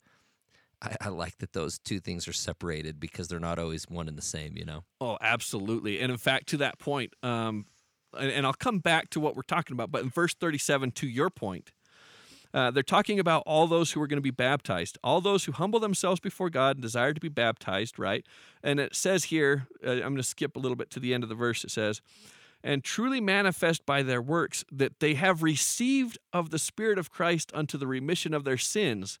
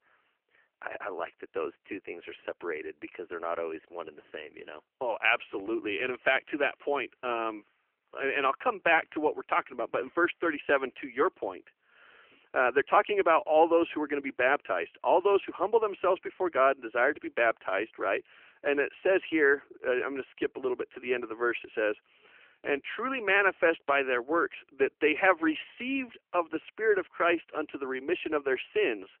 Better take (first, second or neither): first